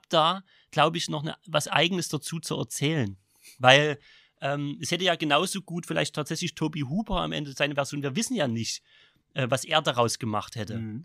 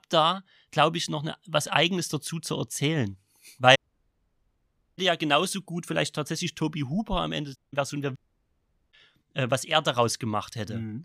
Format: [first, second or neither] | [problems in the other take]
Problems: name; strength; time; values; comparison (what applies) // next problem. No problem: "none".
first | audio cutting out; at 4 s for 1 s, at 7.5 s and at 8 s for 1 s